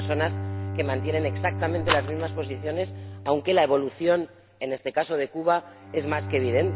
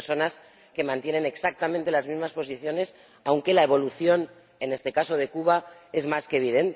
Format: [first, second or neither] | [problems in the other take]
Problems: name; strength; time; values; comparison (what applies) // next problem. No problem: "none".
second | background sound (Rattle + Bowed string instrument); 6 dB below the speech